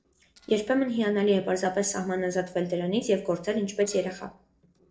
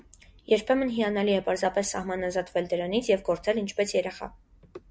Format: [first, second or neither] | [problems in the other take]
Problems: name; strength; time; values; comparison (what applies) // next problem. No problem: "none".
second | noise reduction (neural separator model SepFormer DNS4)